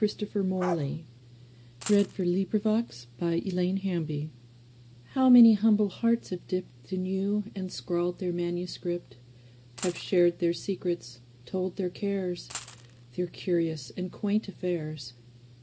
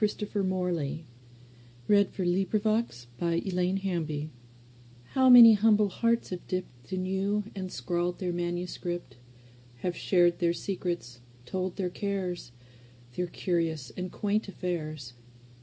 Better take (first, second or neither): second